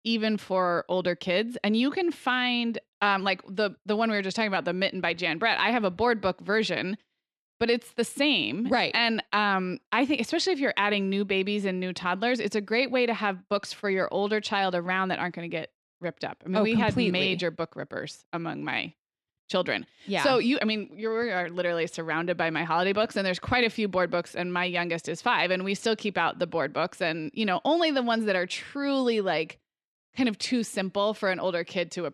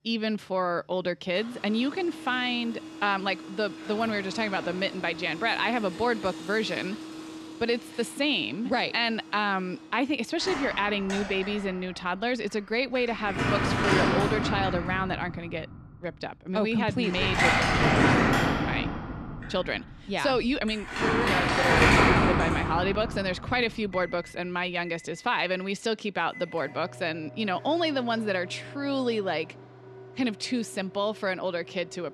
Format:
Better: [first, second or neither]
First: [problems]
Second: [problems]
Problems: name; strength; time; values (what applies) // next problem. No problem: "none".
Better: first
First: none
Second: household noises; very loud; throughout; 2 dB above the speech